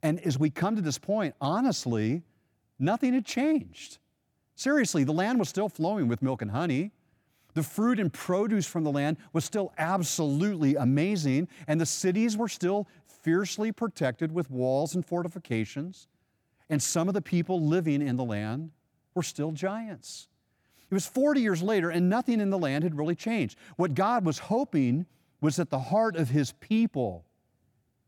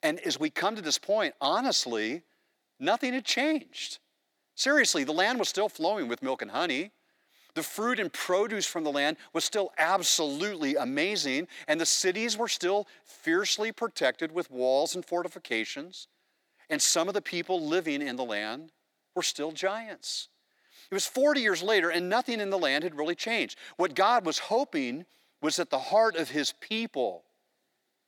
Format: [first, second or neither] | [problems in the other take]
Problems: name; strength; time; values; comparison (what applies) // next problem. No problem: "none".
first | thin; somewhat; fading below 350 Hz